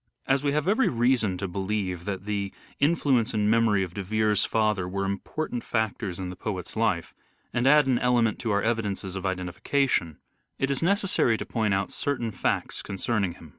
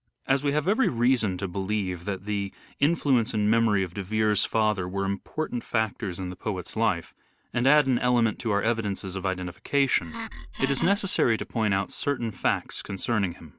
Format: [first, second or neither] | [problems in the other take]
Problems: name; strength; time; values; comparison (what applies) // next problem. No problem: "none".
first | background sound (Wood); 9 dB below the speech